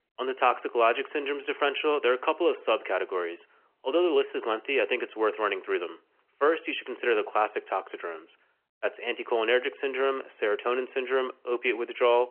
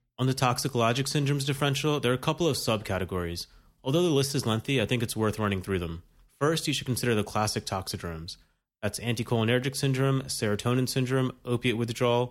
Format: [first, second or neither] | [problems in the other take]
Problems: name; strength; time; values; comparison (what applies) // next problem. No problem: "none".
second | phone-call audio; nothing above 3 kHz